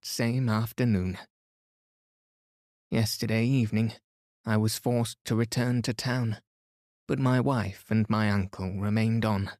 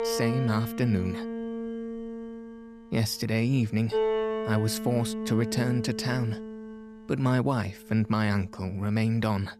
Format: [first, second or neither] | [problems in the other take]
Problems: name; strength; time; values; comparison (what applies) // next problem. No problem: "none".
first | background music; loud; throughout; 6 dB below the speech